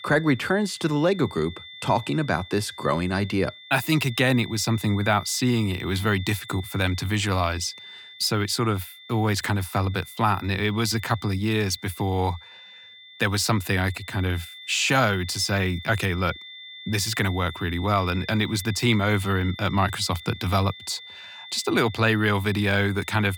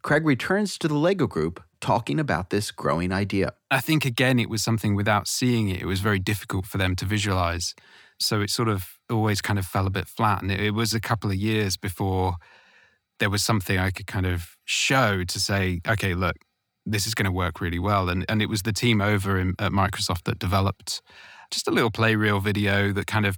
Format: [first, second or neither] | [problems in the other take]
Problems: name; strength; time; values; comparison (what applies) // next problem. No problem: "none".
second | high-pitched whine; noticeable; throughout; 3.5 kHz, 15 dB below the speech